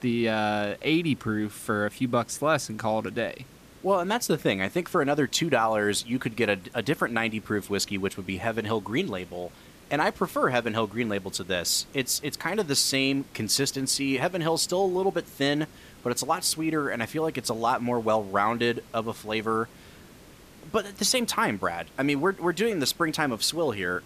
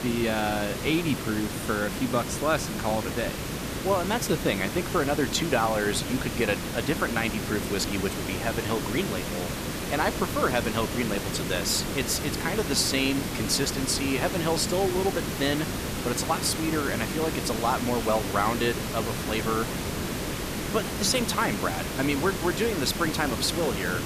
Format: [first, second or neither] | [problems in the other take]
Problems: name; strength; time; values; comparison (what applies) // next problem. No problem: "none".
first | hiss; loud; throughout; 3 dB below the speech; faint in the first